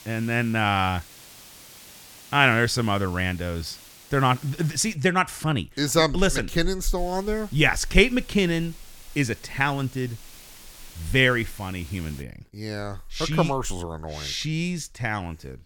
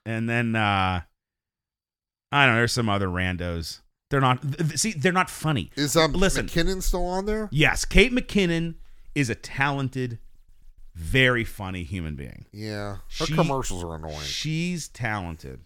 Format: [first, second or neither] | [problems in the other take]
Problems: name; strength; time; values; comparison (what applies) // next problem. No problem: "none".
second | hiss; faint; until 5 s and from 7 to 12 s; 20 dB below the speech